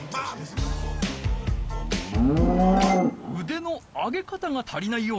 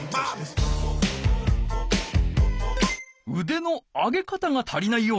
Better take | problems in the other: second | background sound (Livestock, farm animals, working animals); as loud as the speech

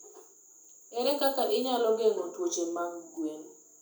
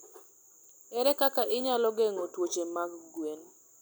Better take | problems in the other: second | room echo; dies away in 0.4 s

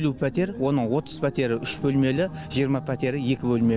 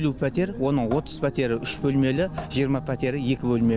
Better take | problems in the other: first | background sound (Drip / Sink (filling or washing) / Water tap, faucet); 17 dB below the speech

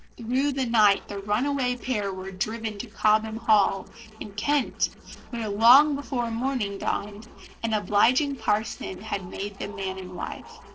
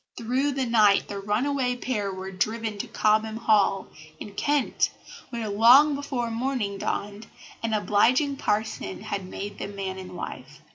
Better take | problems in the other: second | noise reduction (neural separator model SepFormer DNS4)

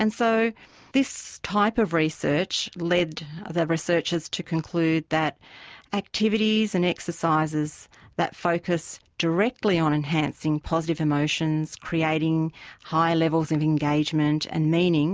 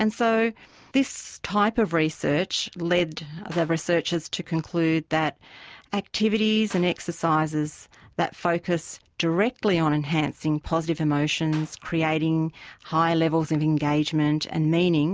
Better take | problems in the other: first | background sound (Clapping); 20 dB below the speech

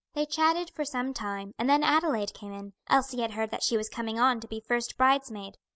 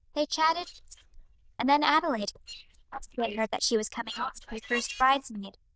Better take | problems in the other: first | noise reduction (neural diffusion model UNIVERSE++)

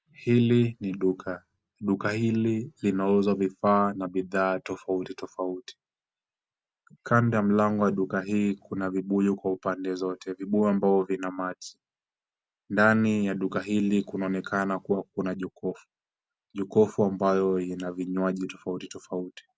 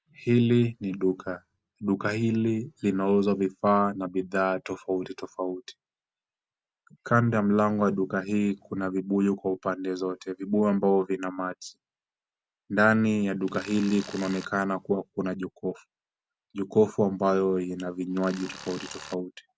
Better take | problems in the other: first | background sound (Tools); 16 dB below the speech

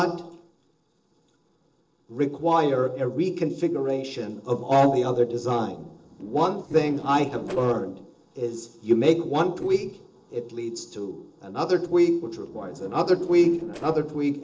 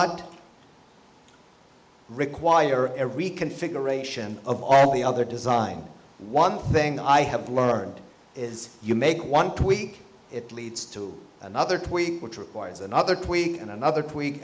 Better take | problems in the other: second | noise reduction (neural separator model SepFormer DNS4)

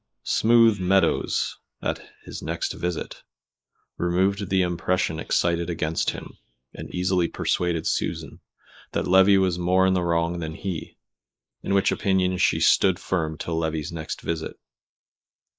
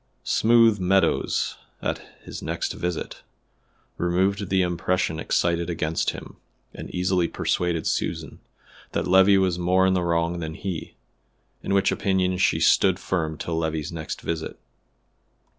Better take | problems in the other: second | noise reduction (neural mask model Resemble Enhance denoiser)

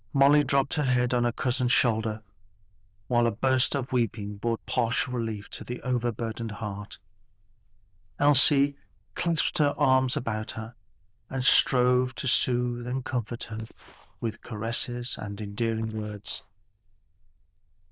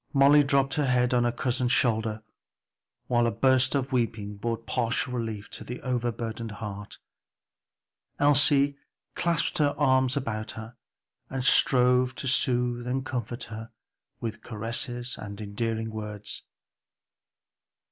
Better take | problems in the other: second | noise reduction (neural diffusion model UNIVERSE++)

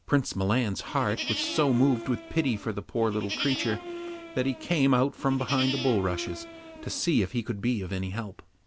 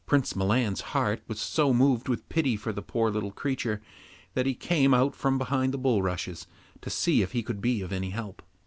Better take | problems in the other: second | background sound (Livestock, farm animals, working animals); 9 dB below the speech

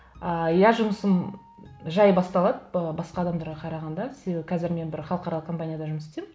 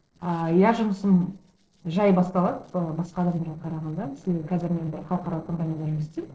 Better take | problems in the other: first | noise reduction (neural separator model SepFormer DNS4)

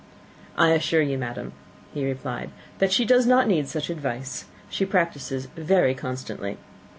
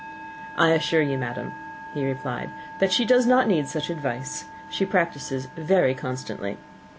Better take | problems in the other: first | background sound (Musical instrument); 15 dB below the speech

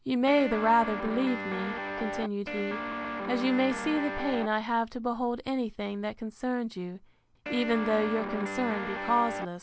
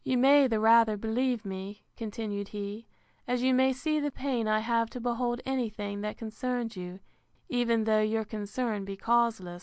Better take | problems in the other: second | background sound (Guitar); 5 dB below the speech

